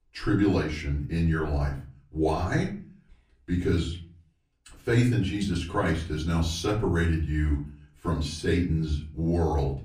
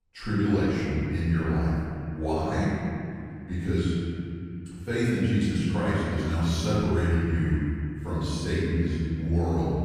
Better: first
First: room echo; slight; dies away in 0.4 s // off-mic speech; far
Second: room echo; strong; dies away in 2.6 s // off-mic speech; far

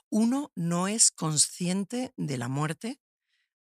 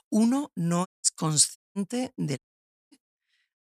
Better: first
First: none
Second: audio cutting out; at 1 s, at 1.5 s and at 2.5 s for 0.5 s

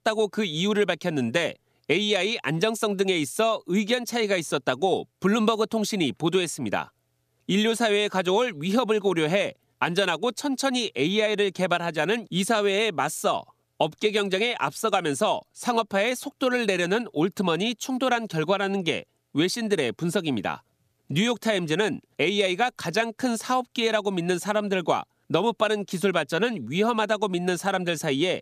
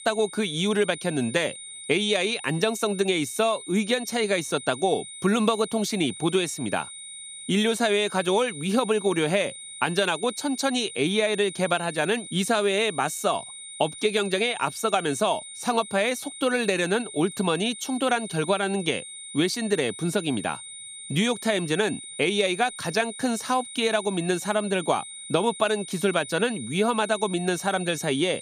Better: first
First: none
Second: high-pitched whine; noticeable; throughout; 9 kHz, 10 dB below the speech

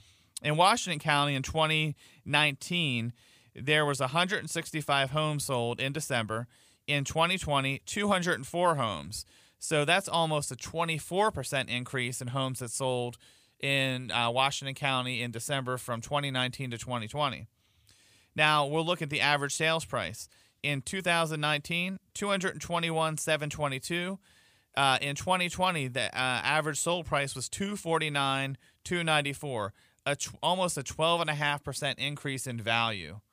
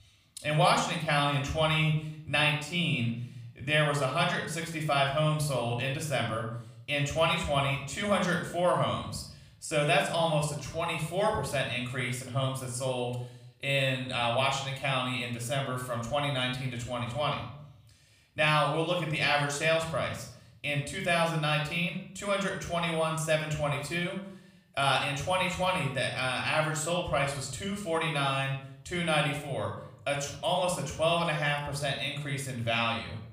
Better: first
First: none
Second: off-mic speech; somewhat distant // room echo; slight; dies away in 0.6 s

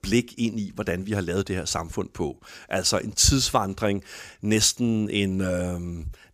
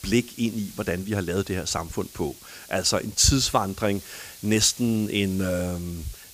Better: first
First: none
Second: hiss; noticeable; throughout; 20 dB below the speech

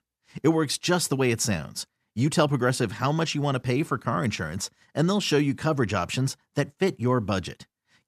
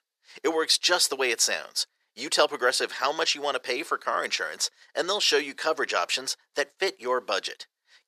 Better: first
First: none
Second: thin; very; fading below 450 Hz

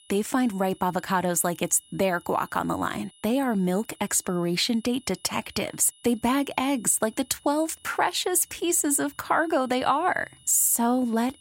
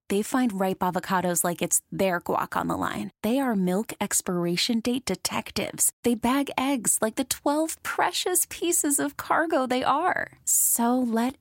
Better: second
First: high-pitched whine; faint; throughout; 3 kHz, 30 dB below the speech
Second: none

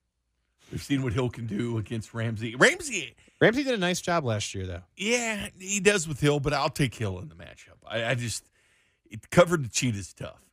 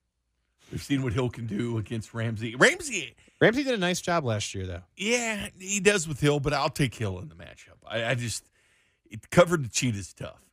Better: neither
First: none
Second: none

